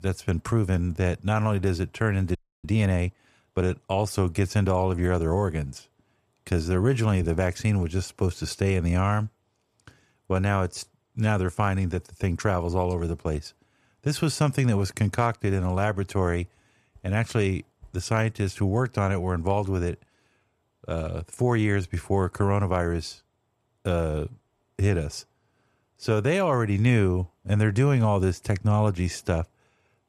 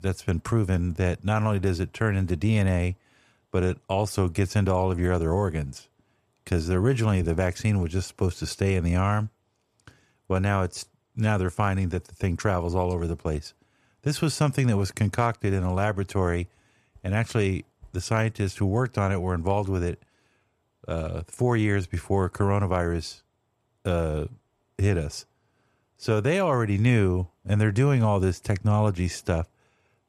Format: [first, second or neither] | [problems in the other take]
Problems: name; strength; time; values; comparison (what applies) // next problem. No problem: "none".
second | audio freezing; at 2.5 s